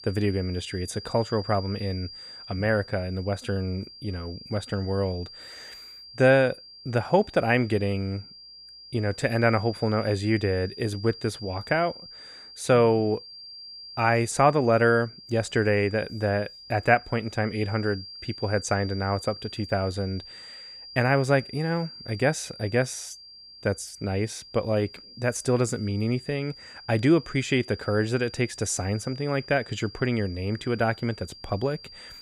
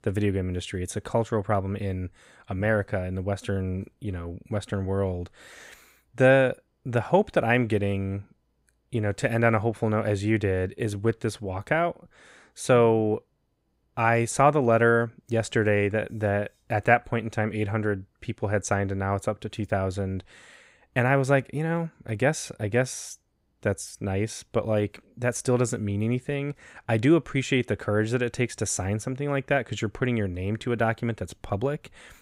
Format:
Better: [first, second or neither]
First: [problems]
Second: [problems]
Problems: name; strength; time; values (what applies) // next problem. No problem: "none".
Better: second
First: high-pitched whine; noticeable; throughout; 4.5 kHz, 15 dB below the speech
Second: none